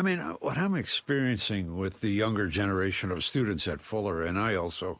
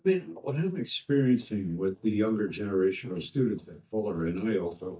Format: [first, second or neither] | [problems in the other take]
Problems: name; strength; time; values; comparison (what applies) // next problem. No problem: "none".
first | noise reduction (neural mask model DeepFilterNet 3)